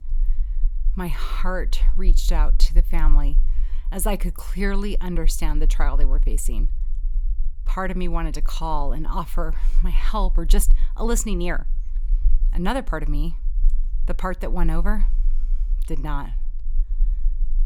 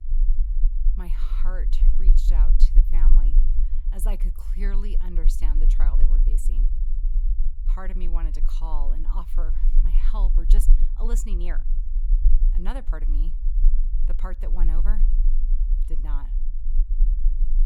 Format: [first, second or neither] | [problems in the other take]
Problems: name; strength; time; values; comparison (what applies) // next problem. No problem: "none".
first | low rumble; loud; throughout; 9 dB below the speech; faint in the first